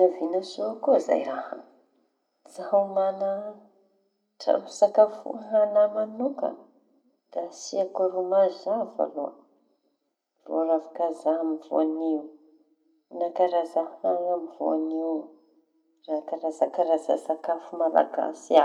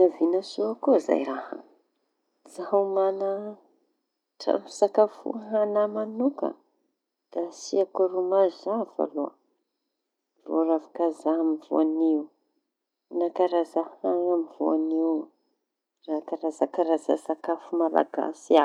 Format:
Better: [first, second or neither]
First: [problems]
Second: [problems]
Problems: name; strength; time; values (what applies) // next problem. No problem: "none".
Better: second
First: room echo; dies away in 0.4 s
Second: none